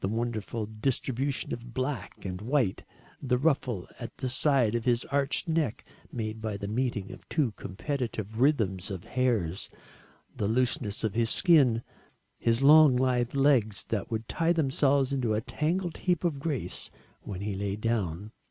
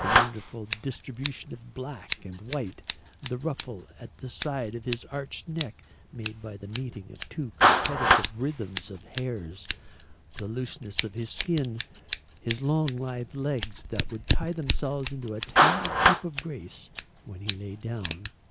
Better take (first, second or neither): first